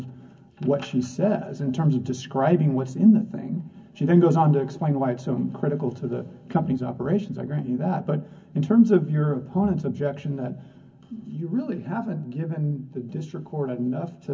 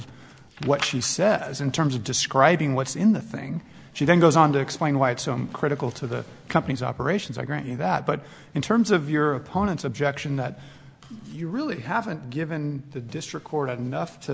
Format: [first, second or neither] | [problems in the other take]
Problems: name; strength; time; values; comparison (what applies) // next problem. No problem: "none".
second | room echo; dies away in 0.3 s